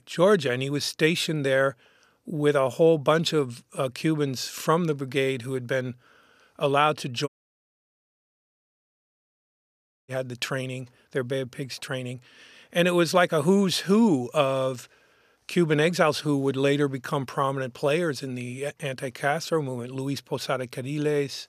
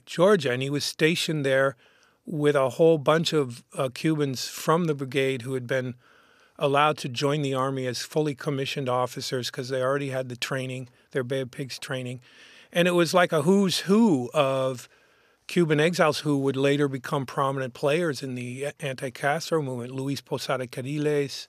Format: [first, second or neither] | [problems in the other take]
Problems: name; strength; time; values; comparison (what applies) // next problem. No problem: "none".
second | audio cutting out; at 7.5 s for 3 s